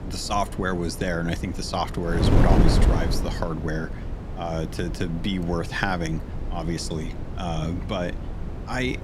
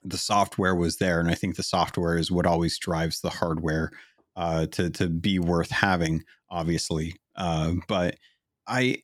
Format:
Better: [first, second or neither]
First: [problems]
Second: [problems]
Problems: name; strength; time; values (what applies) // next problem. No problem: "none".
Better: second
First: wind noise on the microphone; heavy; 6 dB below the speech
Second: none